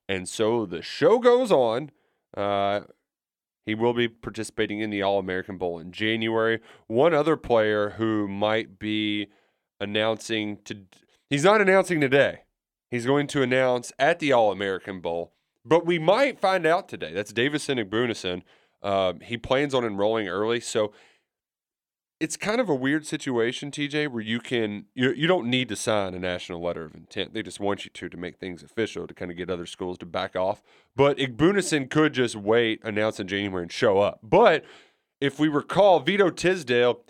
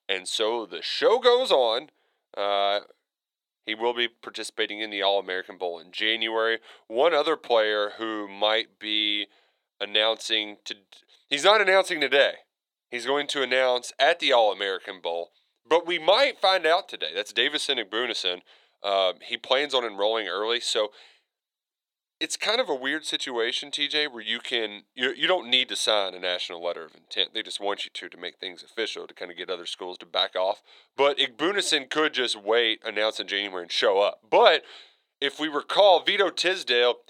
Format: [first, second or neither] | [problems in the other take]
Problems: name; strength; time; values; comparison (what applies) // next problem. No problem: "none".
first | thin; somewhat; fading below 550 Hz